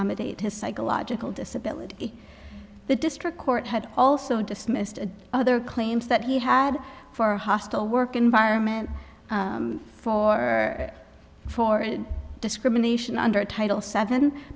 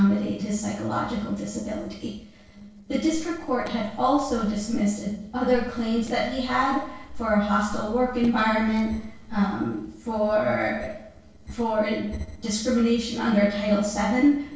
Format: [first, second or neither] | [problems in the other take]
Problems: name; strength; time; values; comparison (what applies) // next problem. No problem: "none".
first | noise reduction (neural separator model SepFormer DNS4)